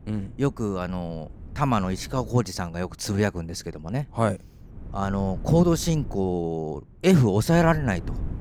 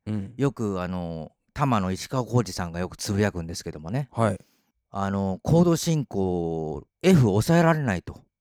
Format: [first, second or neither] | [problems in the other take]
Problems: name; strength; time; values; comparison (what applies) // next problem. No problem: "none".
second | wind noise on the microphone; occasional gusts; 25 dB below the speech